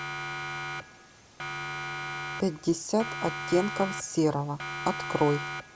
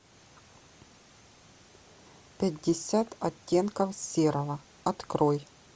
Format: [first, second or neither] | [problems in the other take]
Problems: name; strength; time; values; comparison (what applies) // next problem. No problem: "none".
second | background sound (Siren); 6 dB below the speech